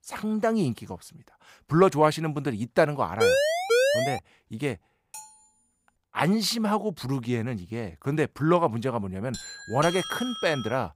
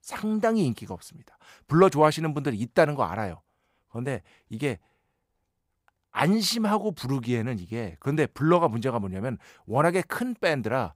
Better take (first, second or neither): second